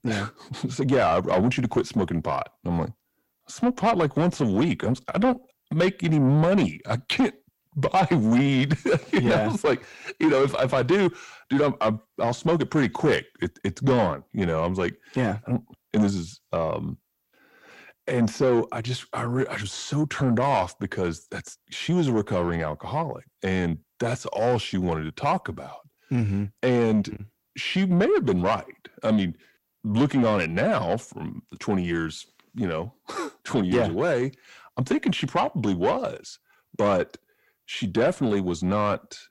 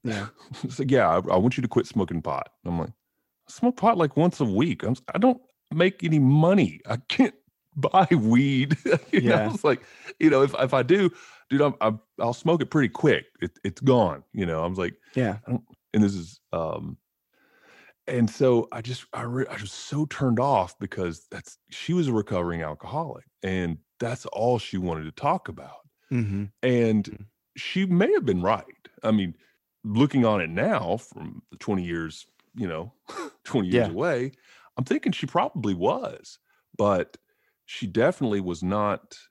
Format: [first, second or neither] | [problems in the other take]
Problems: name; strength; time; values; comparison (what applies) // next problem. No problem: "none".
second | distortion; slight; 10 dB below the speech